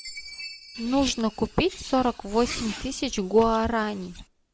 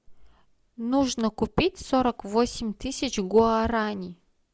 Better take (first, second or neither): second